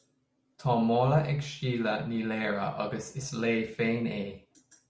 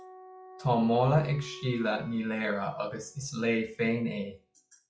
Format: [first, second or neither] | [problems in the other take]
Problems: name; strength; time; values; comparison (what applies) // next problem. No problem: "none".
first | noise reduction (classical method log-MMSE)